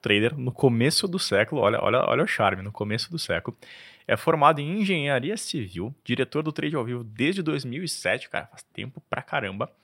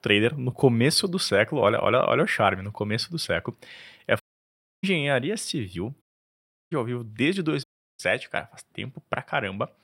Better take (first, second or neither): first